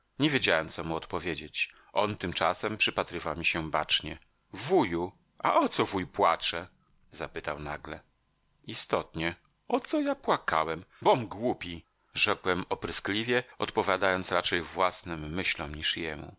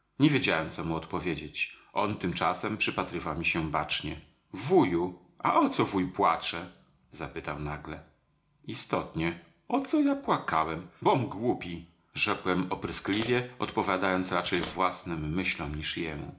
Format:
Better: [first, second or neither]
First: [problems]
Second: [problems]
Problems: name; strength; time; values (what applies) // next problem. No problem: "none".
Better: first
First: none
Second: background sound (Scissors); 10 dB below the speech // room echo; dies away in 0.4 s